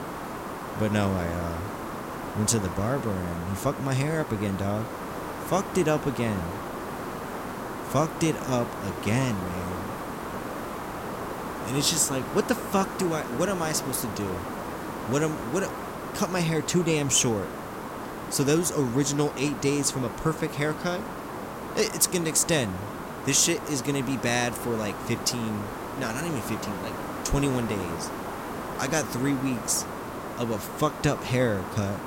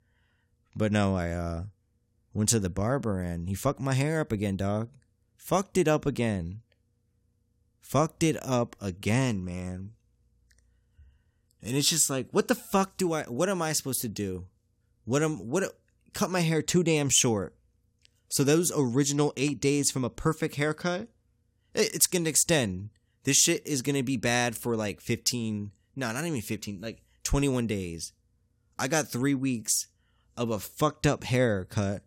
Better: second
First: hiss; loud; throughout; 8 dB below the speech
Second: none

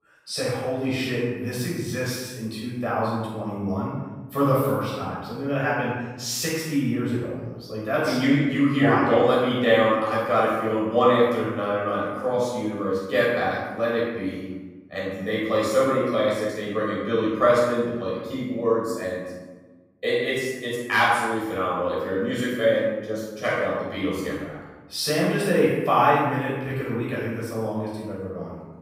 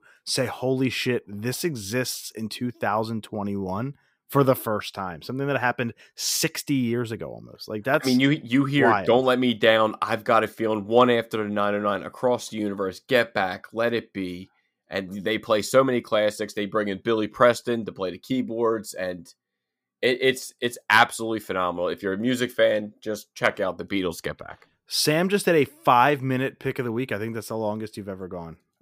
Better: second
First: room echo; strong; dies away in 1.1 s // off-mic speech; far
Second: none

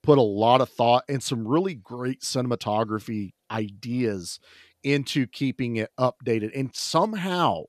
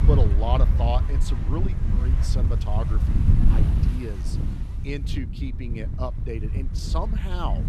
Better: first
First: none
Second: wind noise on the microphone; heavy; 5 dB below the speech

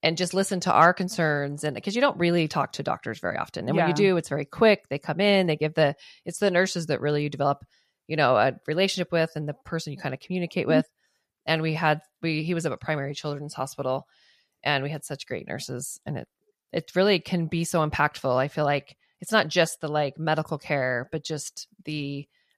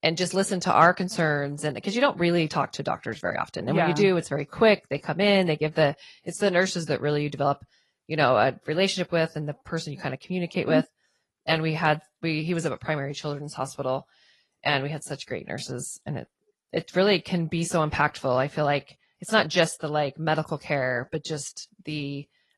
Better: first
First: none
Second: garbled, watery; slightly; nothing above 11 kHz

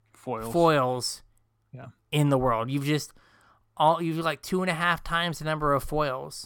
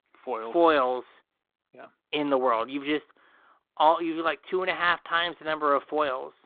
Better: first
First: none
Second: phone-call audio

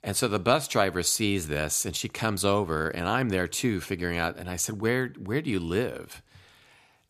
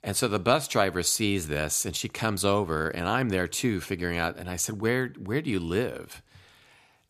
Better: neither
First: none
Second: none

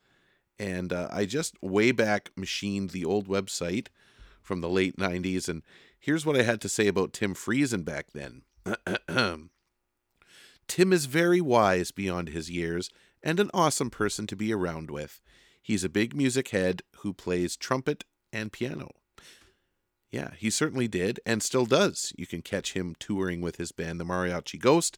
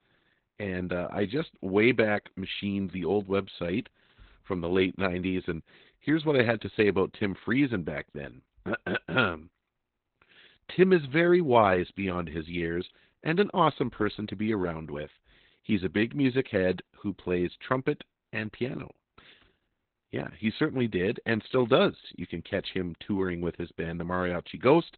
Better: first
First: none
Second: garbled, watery; badly; nothing above 4 kHz

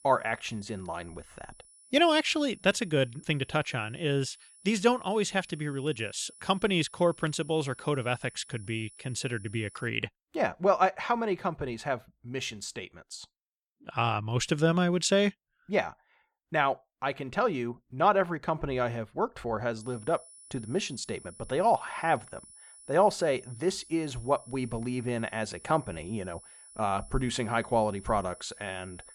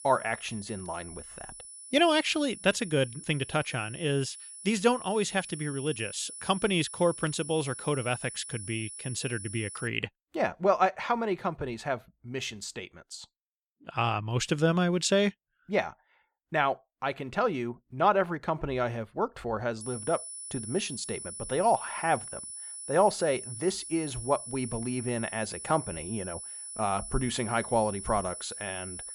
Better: first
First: high-pitched whine; faint; until 10 s and from 20 s on; 10 kHz, 20 dB below the speech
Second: high-pitched whine; loud; until 10 s and from 20 s on; 10 kHz, 10 dB below the speech

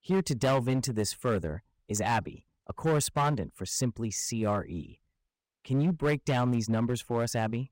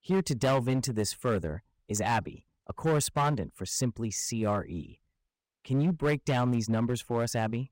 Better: neither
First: distortion; slight; 6% of the sound clipped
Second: distortion; slight; 6% of the sound clipped

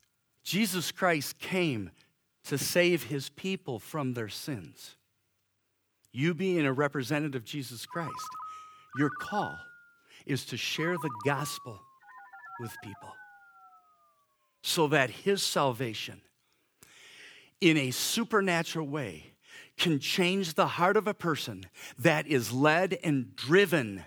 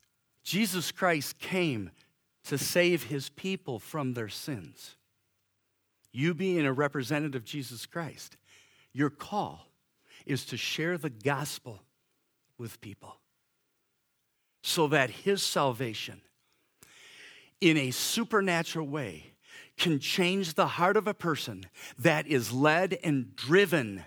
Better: second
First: phone ringing; noticeable; from 8 to 14 s; peak 10 dB below the speech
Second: none

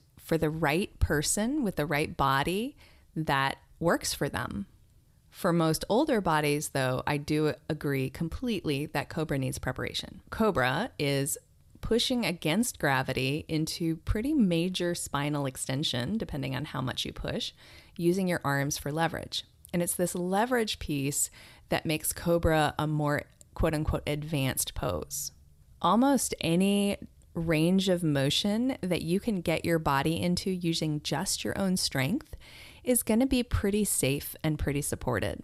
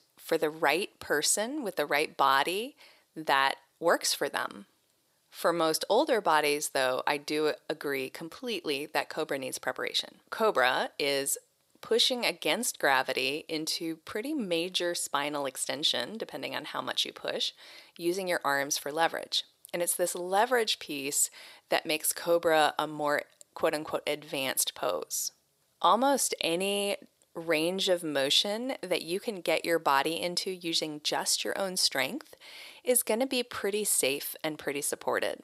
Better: first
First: none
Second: thin; somewhat; fading below 500 Hz

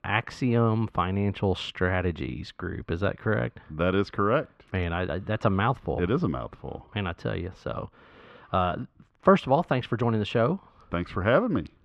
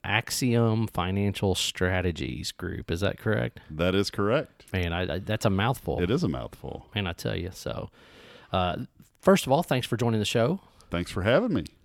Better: second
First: muffled; very; fading above 2.5 kHz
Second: none

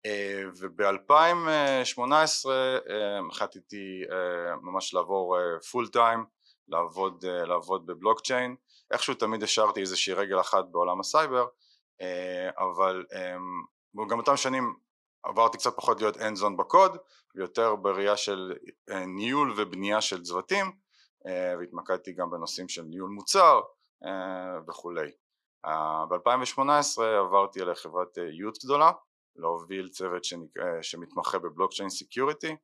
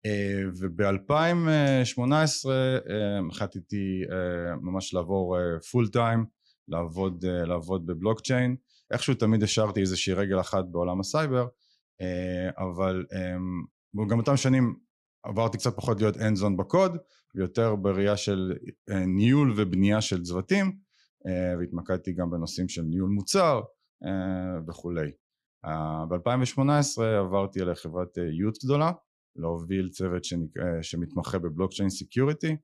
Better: second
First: thin; very; fading below 500 Hz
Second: none

